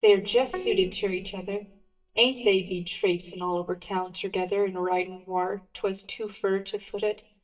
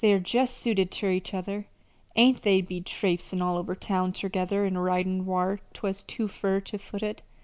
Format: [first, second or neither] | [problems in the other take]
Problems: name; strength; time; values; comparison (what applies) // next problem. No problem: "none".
second | noise reduction (neural mask model DeepFilterNet 3)